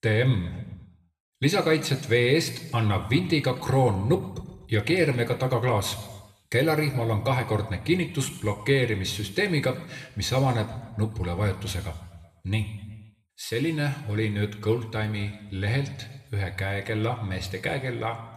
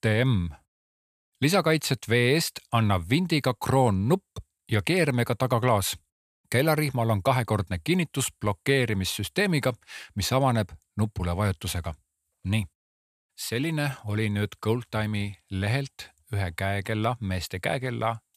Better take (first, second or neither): second